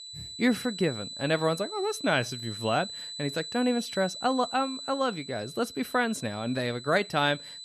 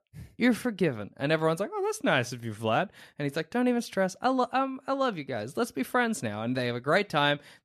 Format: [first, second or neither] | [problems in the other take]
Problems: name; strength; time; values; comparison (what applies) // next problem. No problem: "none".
second | high-pitched whine; loud; throughout; 4 kHz, 9 dB below the speech